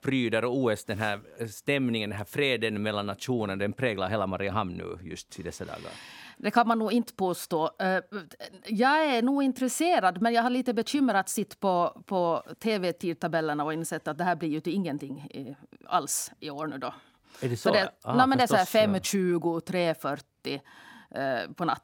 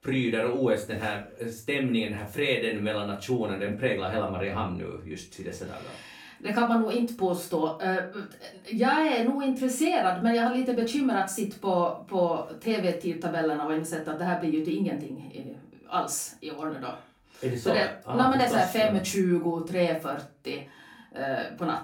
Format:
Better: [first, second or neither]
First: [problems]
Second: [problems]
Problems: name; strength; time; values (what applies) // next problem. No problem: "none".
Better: first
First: none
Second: room echo; slight; dies away in 0.3 s // off-mic speech; far